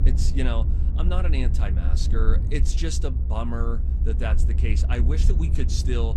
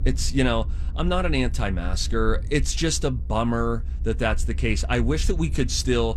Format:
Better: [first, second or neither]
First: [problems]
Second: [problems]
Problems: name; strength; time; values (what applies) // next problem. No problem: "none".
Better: second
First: low rumble; loud; throughout; 7 dB below the speech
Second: low rumble; faint; throughout; 20 dB below the speech